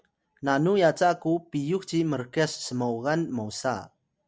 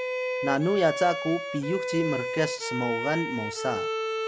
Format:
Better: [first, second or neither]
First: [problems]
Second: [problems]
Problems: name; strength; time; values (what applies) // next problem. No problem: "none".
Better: first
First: none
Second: background sound (Bowed string instrument); 3 dB below the speech